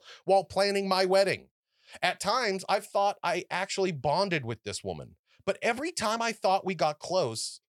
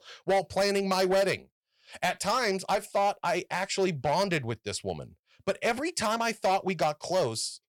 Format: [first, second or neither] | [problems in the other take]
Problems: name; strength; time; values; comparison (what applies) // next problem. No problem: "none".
first | distortion; slight; 6% of the sound clipped